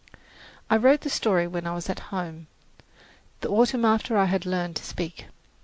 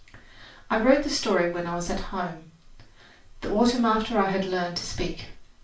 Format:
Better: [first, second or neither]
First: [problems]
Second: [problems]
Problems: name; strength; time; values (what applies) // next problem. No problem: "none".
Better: first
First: none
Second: room echo; dies away in 0.3 s